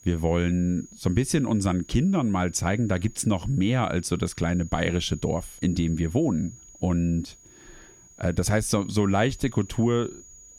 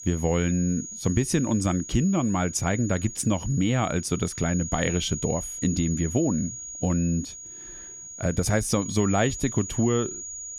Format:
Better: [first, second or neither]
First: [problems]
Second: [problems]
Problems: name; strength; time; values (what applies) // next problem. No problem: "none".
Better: first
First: high-pitched whine; faint; throughout; 6.5 kHz, 20 dB below the speech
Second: high-pitched whine; loud; throughout; 6.5 kHz, 9 dB below the speech